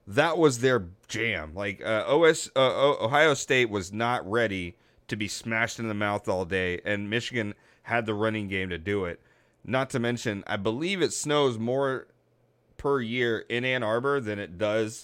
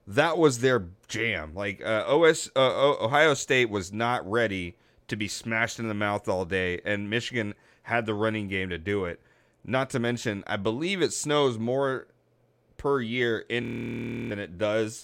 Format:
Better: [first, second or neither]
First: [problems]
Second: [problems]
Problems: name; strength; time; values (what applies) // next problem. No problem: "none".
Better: first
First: none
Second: audio freezing; at 14 s for 0.5 s